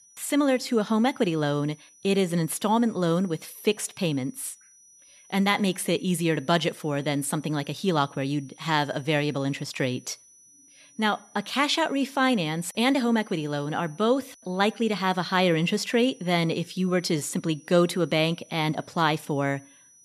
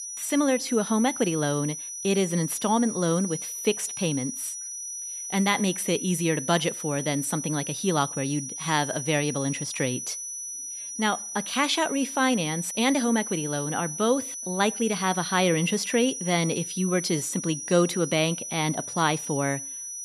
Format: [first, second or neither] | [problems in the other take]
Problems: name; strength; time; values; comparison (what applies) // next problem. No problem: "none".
first | high-pitched whine; loud; throughout; 6 kHz, 6 dB below the speech; faint in the first